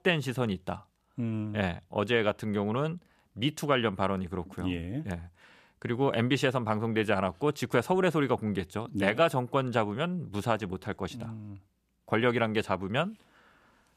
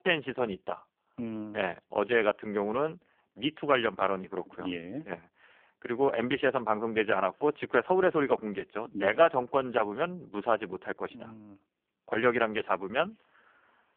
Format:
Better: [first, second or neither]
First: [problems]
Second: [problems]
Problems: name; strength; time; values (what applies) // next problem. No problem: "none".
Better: first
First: none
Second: phone-call audio; poor line; nothing above 3 kHz